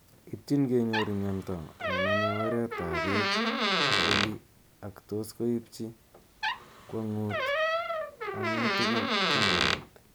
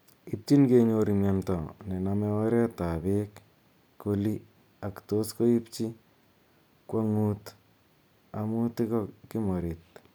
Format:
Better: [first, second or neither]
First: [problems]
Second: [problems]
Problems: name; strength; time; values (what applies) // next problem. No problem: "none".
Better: second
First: background sound (Door); 3 dB above the speech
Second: none